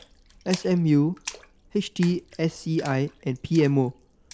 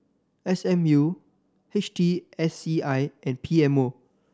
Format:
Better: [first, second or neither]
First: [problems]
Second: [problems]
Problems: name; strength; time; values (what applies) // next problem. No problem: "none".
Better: second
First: background sound (Splash, splatter); 19 dB below the speech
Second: none